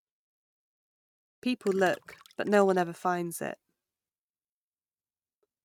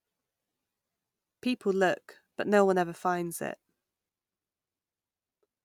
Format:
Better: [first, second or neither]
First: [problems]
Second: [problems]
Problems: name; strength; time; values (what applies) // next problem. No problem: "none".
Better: second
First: noise reduction (neural mask model RNNoise)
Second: none